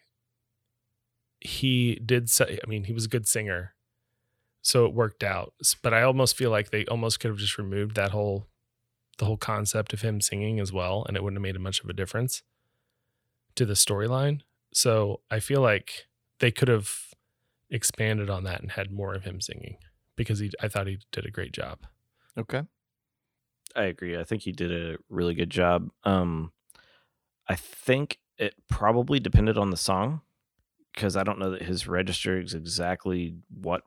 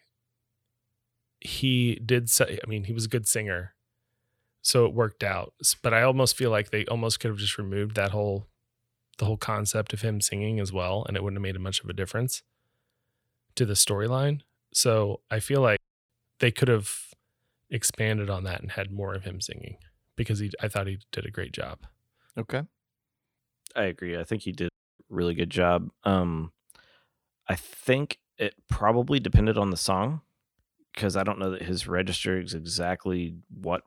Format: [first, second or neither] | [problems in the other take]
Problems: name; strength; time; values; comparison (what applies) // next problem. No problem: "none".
first | audio cutting out; at 16 s and at 25 s